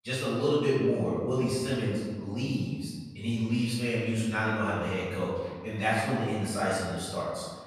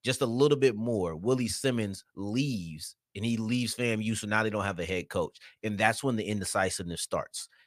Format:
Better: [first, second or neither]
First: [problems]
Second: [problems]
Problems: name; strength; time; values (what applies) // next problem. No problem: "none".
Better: second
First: off-mic speech; far // room echo; strong; dies away in 1.5 s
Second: none